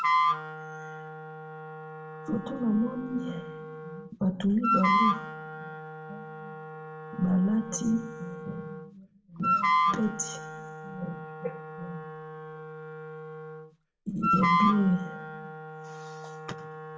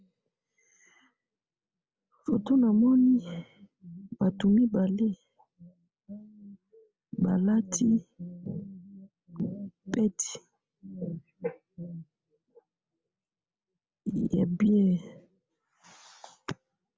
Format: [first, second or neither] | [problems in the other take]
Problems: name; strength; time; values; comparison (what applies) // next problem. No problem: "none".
second | background sound (Wind instrument, woodwind instrument); as loud as the speech // room echo; dies away in 0.5 s